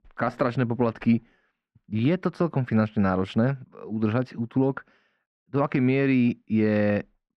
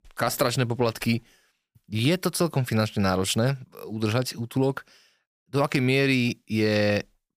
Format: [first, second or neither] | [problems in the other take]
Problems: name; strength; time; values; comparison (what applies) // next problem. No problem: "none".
second | muffled; very; fading above 1.5 kHz